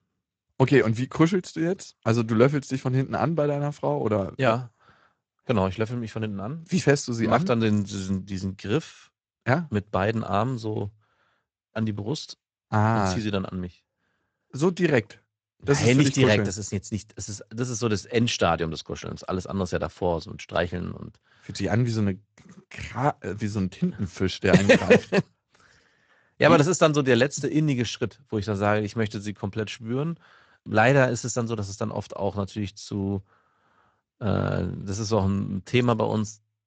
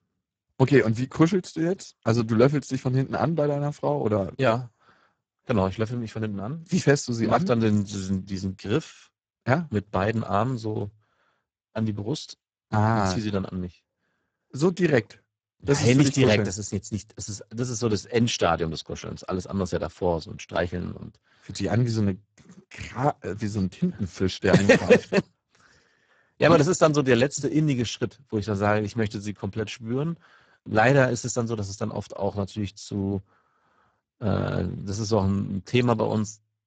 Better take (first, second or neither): first